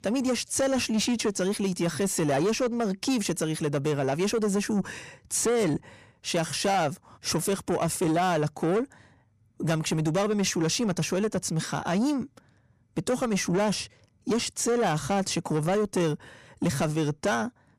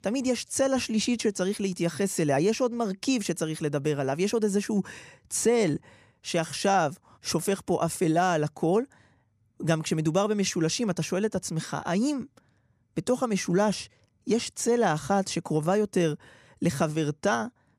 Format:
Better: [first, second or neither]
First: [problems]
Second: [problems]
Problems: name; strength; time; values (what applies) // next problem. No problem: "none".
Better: second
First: distortion; slight; 10 dB below the speech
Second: none